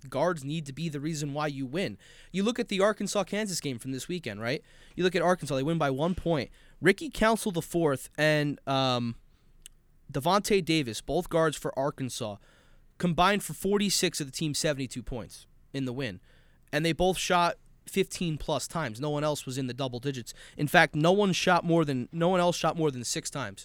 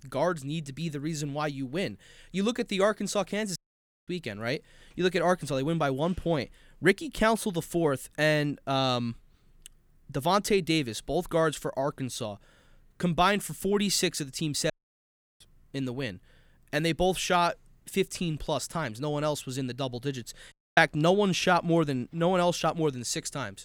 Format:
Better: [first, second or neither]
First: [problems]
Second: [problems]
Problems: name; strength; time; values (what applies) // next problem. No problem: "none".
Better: first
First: none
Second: audio cutting out; at 3.5 s for 0.5 s, at 15 s for 0.5 s and at 21 s